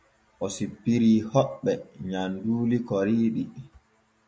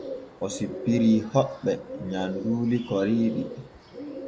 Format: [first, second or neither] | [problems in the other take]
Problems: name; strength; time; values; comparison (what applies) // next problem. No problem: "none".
first | background sound (Bird); 11 dB below the speech